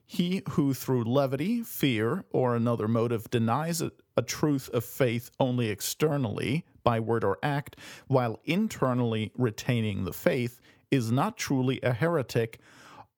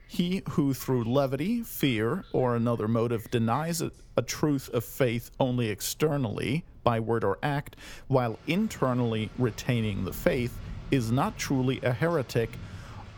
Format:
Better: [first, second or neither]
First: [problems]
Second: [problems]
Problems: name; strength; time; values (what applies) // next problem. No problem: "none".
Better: first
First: none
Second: rain or running water; faint; throughout; 20 dB below the speech